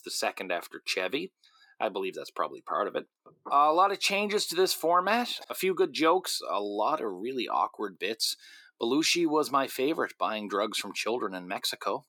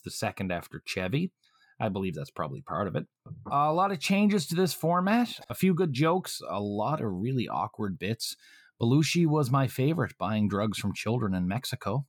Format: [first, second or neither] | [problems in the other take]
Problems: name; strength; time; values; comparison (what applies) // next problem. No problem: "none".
second | thin; somewhat; fading below 350 Hz